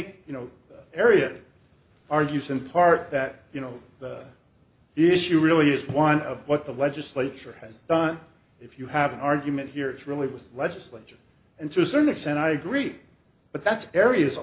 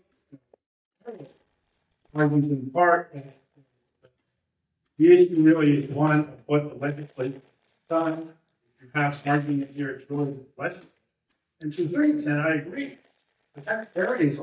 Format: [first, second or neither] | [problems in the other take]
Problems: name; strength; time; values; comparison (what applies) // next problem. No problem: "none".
first | noise reduction (neural mask model DeepFilterNet 3)